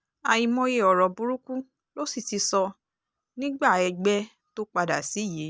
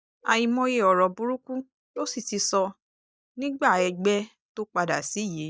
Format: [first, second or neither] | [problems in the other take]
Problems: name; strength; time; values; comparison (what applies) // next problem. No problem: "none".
first | noise reduction (neural mask model DeepFilterNet 3)